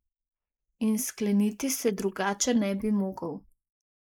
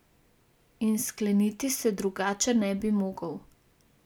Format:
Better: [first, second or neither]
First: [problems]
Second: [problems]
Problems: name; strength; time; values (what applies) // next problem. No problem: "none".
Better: second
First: noise reduction (neural mask model Resemble Enhance denoiser)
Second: none